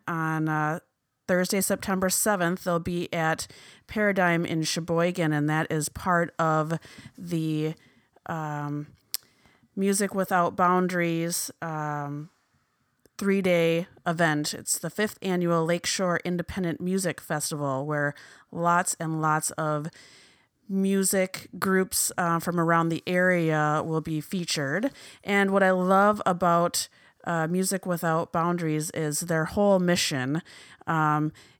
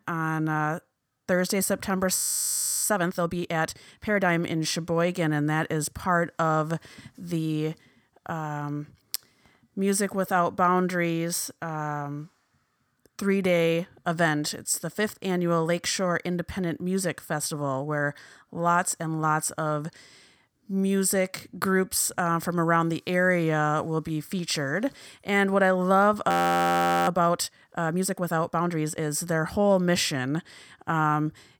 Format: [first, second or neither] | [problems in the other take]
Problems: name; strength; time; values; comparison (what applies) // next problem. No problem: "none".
first | audio freezing; at 2 s for 0.5 s and at 26 s for 1 s